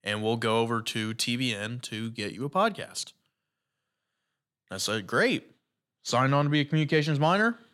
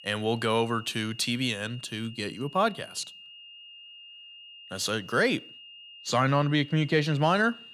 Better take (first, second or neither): first